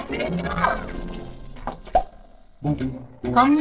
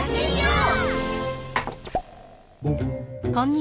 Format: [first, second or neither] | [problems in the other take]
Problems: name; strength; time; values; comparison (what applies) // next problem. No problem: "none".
second | noise reduction (neural separator model SepFormer DNS4)